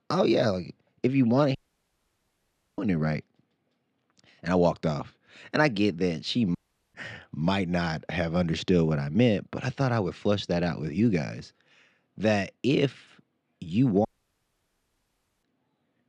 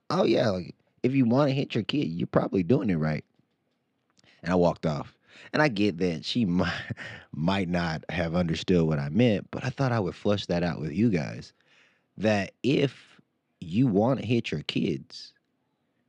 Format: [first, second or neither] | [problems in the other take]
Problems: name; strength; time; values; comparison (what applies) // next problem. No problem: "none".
second | audio cutting out; at 1.5 s for 1 s, at 6.5 s and at 14 s for 1.5 s